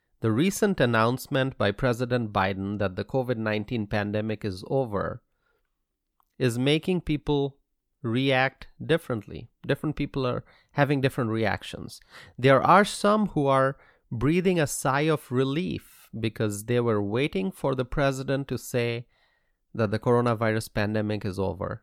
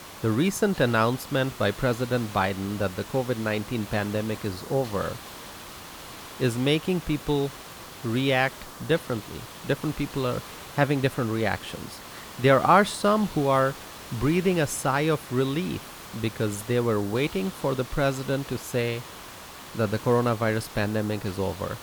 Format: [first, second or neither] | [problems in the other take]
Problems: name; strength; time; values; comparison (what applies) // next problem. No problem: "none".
first | hiss; noticeable; throughout; 15 dB below the speech